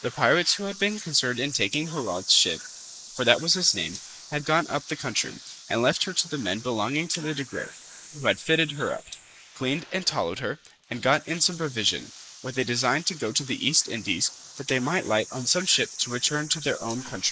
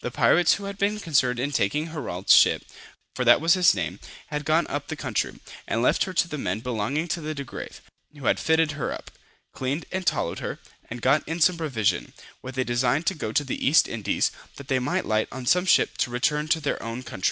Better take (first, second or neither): second